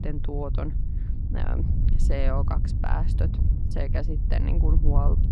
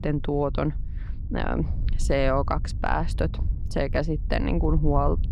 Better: second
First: wind noise on the microphone; heavy; 7 dB below the speech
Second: wind noise on the microphone; occasional gusts; 20 dB below the speech

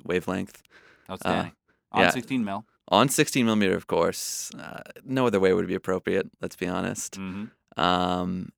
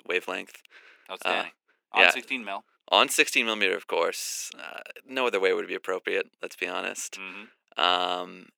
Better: first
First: none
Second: thin; somewhat; fading below 350 Hz

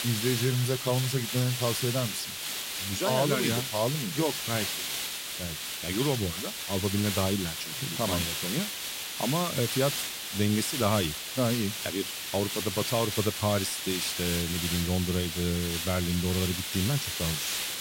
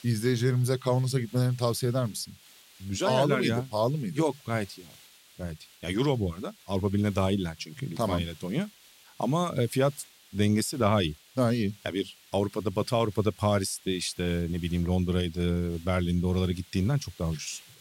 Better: second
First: hiss; loud; throughout; 1 dB below the speech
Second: hiss; faint; throughout; 25 dB below the speech

